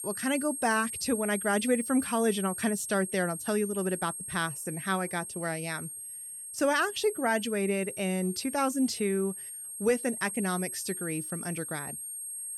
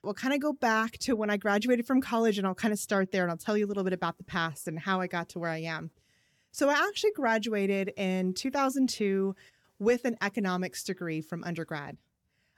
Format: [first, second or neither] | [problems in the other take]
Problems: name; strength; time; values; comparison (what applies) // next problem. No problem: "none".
second | high-pitched whine; loud; throughout; 8.5 kHz, 6 dB below the speech